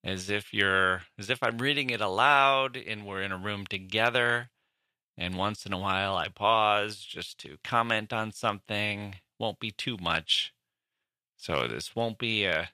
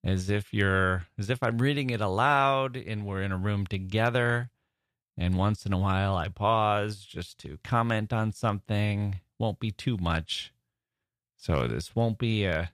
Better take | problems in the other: second | thin; somewhat; fading below 1 kHz

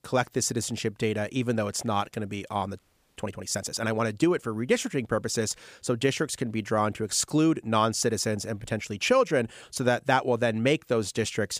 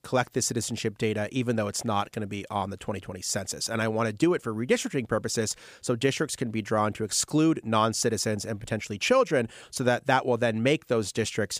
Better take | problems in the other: second | audio freezing; at 3 s

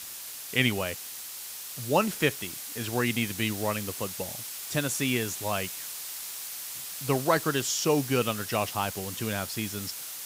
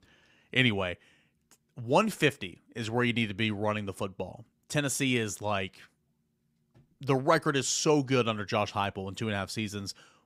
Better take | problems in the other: second | hiss; loud; throughout; 7 dB below the speech

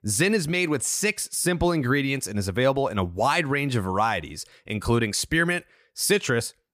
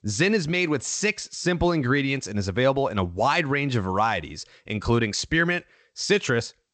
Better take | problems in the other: first | garbled, watery; slightly; nothing above 8 kHz

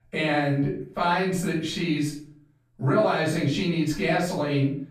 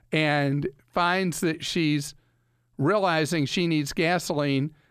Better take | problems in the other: second | room echo; noticeable; dies away in 0.5 s // off-mic speech; far

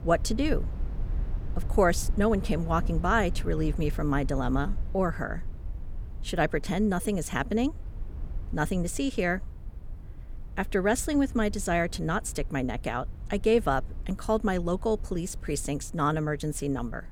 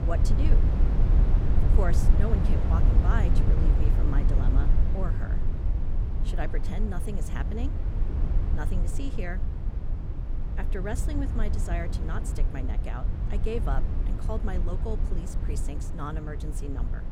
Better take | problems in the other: first | low rumble; loud; throughout; 3 dB below the speech; faint in the first

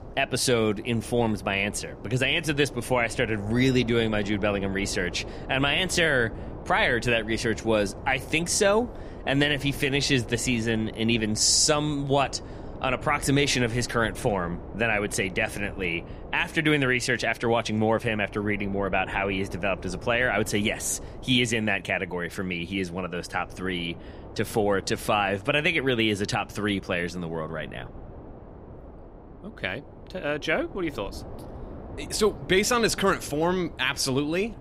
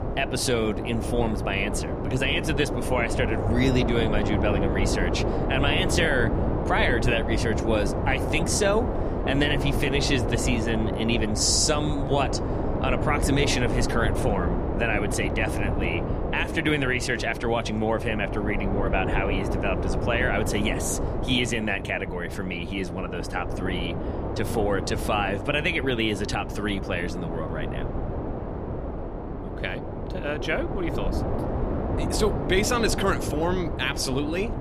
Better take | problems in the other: first | wind noise on the microphone; heavy; 5 dB below the speech; occasional gusts in the first

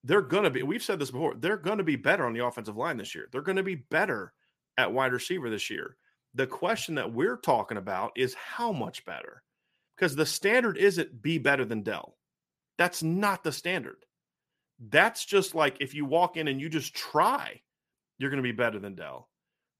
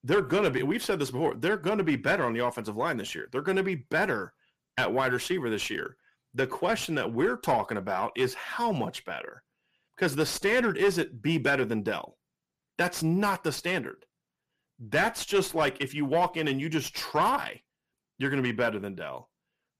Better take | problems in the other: first | distortion; slight; 10 dB below the speech

